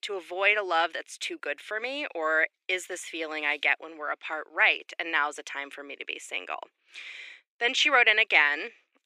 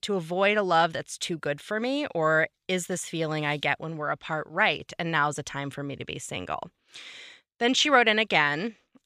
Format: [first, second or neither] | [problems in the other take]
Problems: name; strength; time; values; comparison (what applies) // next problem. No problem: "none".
second | thin; very; fading below 300 Hz